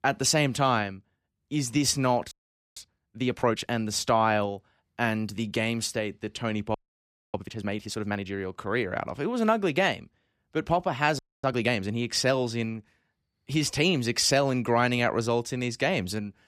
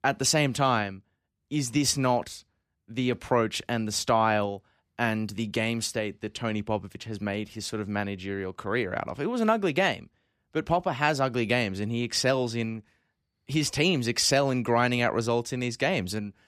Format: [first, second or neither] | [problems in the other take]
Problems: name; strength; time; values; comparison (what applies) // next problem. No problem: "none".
second | audio freezing; at 2.5 s, at 6.5 s for 0.5 s and at 11 s